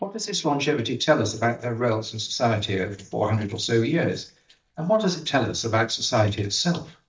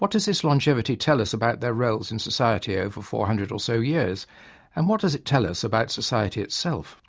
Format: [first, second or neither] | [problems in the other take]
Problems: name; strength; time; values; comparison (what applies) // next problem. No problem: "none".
second | noise reduction (neural mask model DeepFilterNet 3)